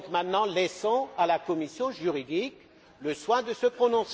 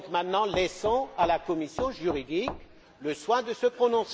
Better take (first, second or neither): first